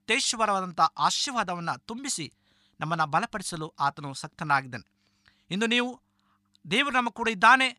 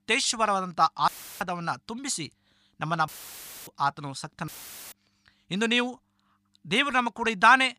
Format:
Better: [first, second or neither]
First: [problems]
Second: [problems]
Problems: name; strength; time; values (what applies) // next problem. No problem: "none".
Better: first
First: none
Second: audio cutting out; filled with static; at 1 s, at 3 s for 0.5 s and at 4.5 s